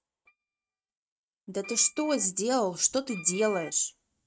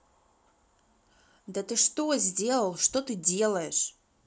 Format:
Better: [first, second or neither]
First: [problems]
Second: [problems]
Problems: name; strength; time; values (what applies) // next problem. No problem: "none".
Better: second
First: noise reduction (neural mask model RNNoise)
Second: none